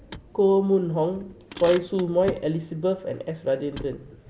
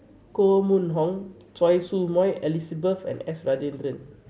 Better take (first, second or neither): second